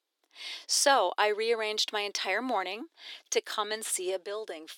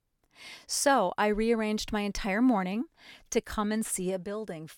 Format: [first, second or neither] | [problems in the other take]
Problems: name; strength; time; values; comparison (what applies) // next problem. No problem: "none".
second | thin; very; fading below 350 Hz